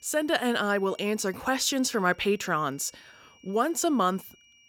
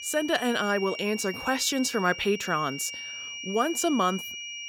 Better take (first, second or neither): first